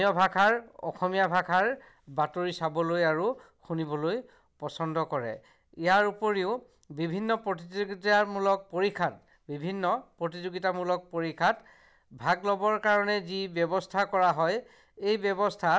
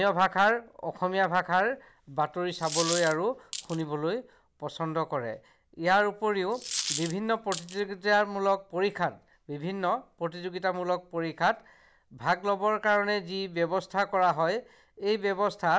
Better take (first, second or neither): first